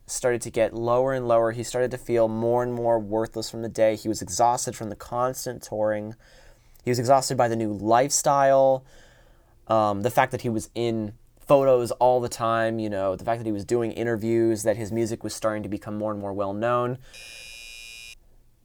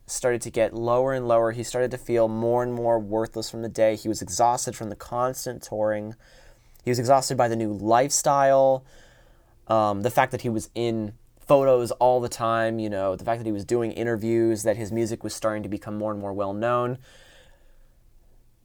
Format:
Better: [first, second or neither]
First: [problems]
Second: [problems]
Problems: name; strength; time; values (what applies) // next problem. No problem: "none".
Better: second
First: doorbell; faint; from 17 to 18 s; peak 15 dB below the speech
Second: none